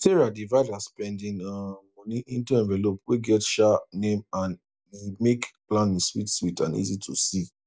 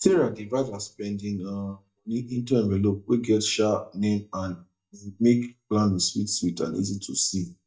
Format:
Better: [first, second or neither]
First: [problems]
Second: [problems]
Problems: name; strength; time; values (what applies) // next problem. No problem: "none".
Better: first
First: none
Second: noise reduction (neural mask model DeepFilterNet 3)